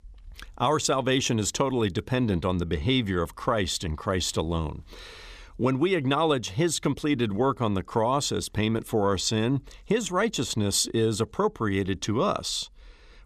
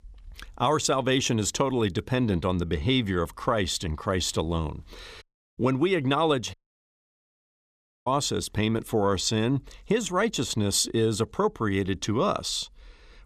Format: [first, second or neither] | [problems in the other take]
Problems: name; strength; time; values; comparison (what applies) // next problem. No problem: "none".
first | audio cutting out; at 5 s and at 6.5 s for 1.5 s